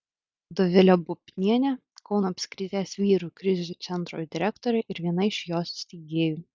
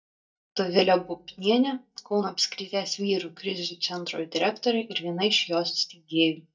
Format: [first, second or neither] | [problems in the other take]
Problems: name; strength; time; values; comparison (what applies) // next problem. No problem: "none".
first | noise reduction (neural mask model DeepFilterNet 3)